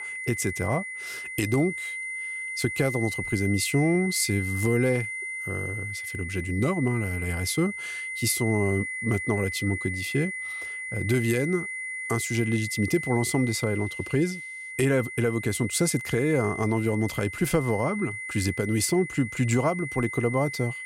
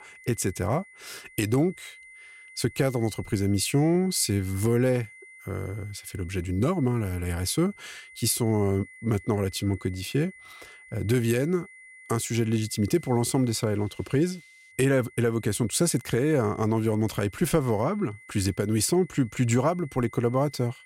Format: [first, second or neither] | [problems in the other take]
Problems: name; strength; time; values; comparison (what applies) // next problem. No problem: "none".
second | high-pitched whine; loud; throughout; 2 kHz, 6 dB below the speech; faint in the second